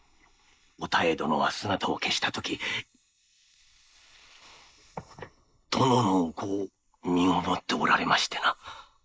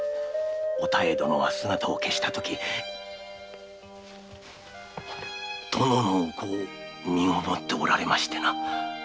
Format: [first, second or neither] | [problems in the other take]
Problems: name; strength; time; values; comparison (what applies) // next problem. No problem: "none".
second | noise reduction (neural mask model Resemble Enhance denoiser)